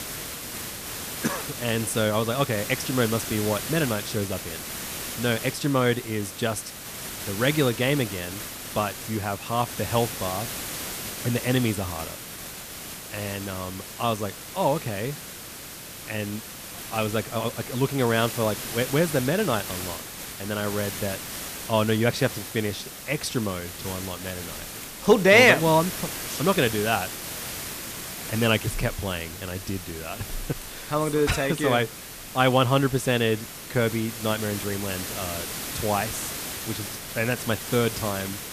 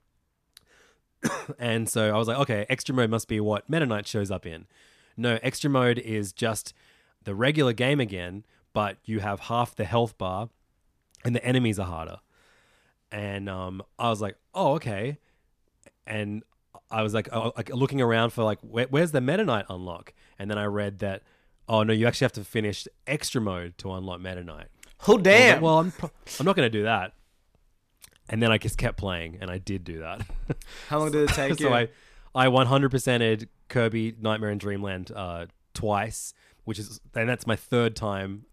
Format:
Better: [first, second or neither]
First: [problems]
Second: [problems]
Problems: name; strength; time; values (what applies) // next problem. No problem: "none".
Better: second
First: hiss; loud; throughout; 8 dB below the speech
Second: none